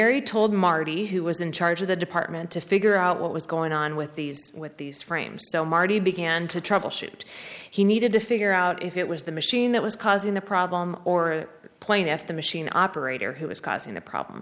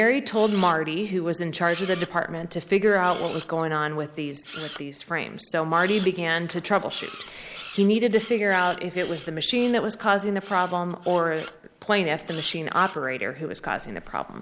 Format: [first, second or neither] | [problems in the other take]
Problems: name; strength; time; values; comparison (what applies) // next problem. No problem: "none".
first | background sound (Camera); 19 dB below the speech